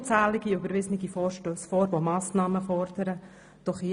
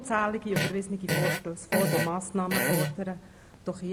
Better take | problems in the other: first | background sound (Fart); as loud as the speech

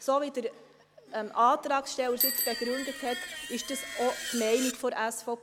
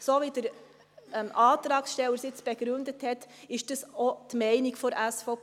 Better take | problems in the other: second | background sound (Bicycle bell + Screech); 6 dB below the speech

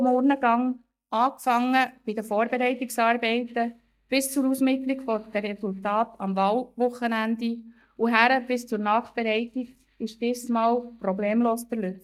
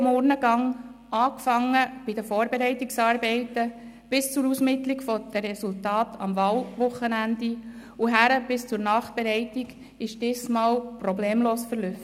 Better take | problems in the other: second | noise reduction (neural mask model DeepFilterNet 3)

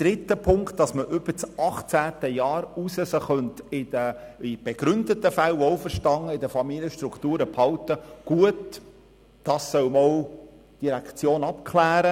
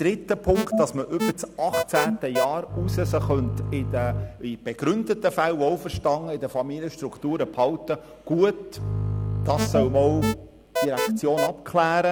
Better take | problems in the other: first | background sound (Alarm + Bowed string instrument); 1 dB below the speech

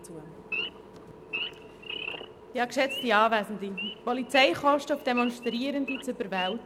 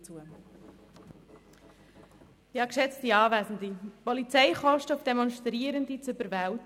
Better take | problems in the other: second | background sound (Idling / Wild animals); 10 dB below the speech

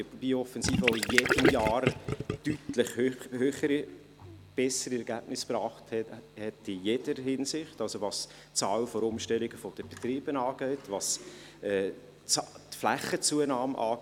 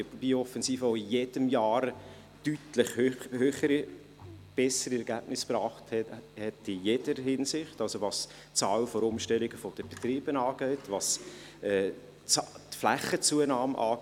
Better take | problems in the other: second | background sound (Gurgling); 2 dB above the speech

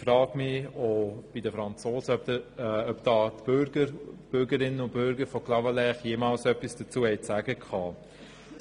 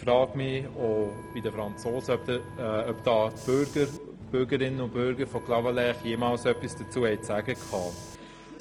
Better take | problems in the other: first | background sound (Wind instrument, woodwind instrument + Bus / Engine); 14 dB below the speech

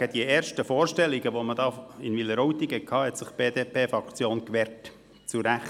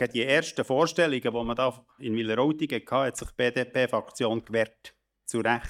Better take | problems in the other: first | noise reduction (neural mask model DeepFilterNet 3)

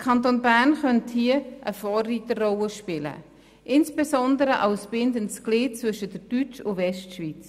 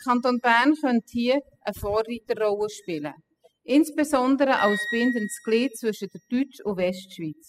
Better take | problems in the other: first | noise reduction (classical method spectral subtraction)

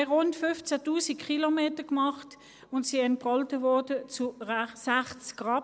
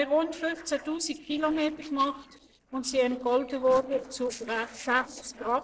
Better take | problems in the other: first | noise reduction (neural separator model SepFormer DNS4)

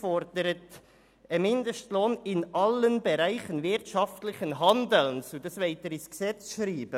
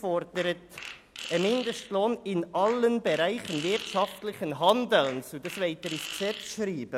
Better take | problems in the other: first | background sound (Fart); 14 dB below the speech

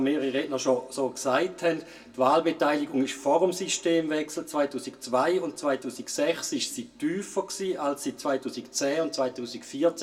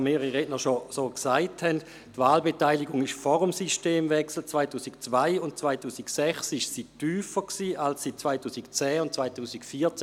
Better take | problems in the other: second | room echo; dies away in 0.2 s

